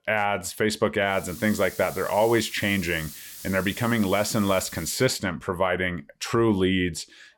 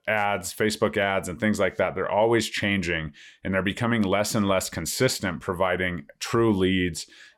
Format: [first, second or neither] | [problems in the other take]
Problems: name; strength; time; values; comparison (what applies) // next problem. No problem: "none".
second | hiss; noticeable; from 1 to 5 s; 15 dB below the speech